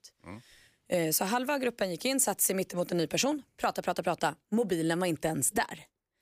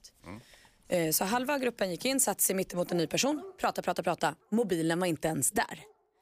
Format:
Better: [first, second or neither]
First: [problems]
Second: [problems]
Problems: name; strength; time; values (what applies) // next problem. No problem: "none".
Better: first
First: none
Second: animal sounds; faint; throughout; 25 dB below the speech